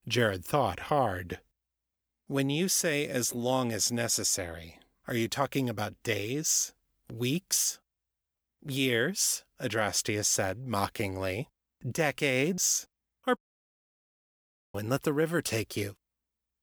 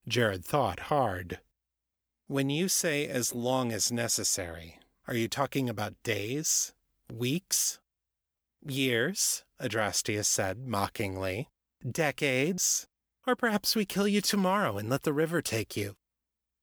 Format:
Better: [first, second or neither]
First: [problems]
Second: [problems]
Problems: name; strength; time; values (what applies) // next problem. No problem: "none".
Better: second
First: audio cutting out; at 13 s for 1.5 s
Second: none